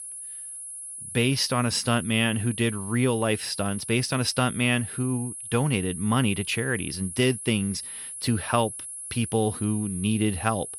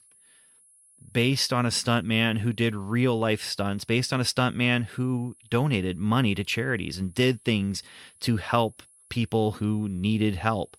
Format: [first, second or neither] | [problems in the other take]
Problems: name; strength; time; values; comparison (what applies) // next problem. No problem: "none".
second | high-pitched whine; loud; throughout; 10.5 kHz, 9 dB below the speech; faint in the second